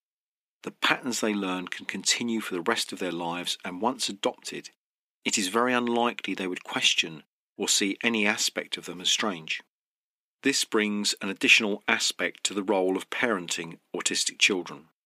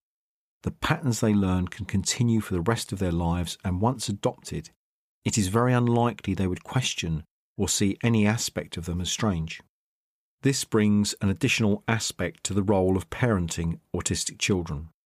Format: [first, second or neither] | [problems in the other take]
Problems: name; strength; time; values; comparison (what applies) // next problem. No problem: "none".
second | thin; somewhat; fading below 250 Hz